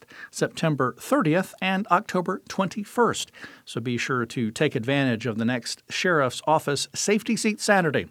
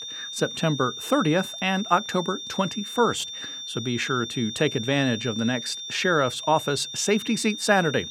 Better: first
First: none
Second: high-pitched whine; loud; throughout; 3.5 kHz, 8 dB below the speech

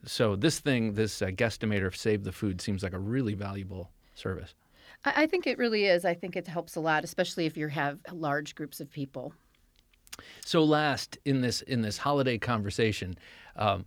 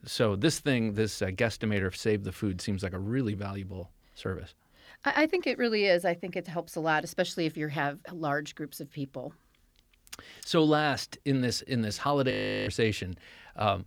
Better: first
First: none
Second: audio freezing; at 12 s

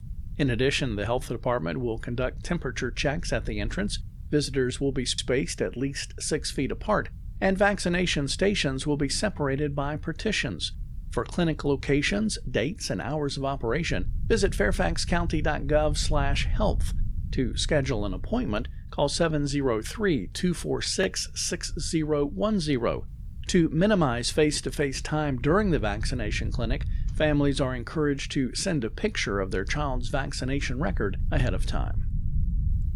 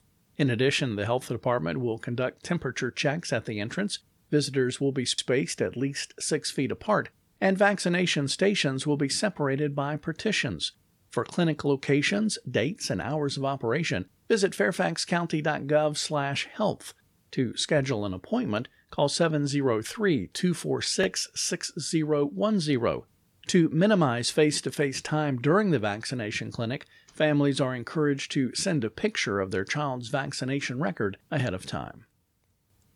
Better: second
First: low rumble; faint; throughout; 25 dB below the speech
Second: none

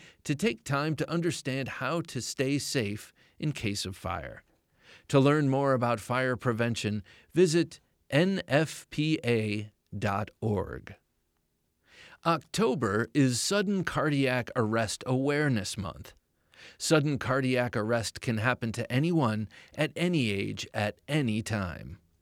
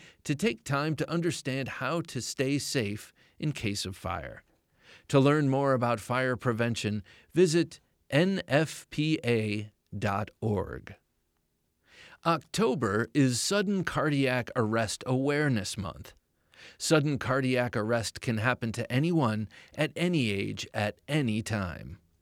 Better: neither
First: none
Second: none

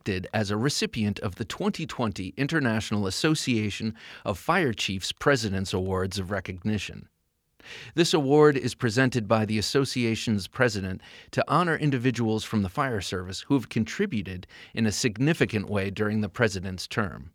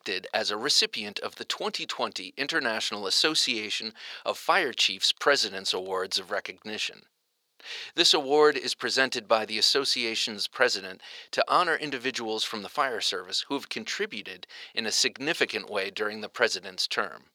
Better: first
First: none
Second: thin; very; fading below 550 Hz

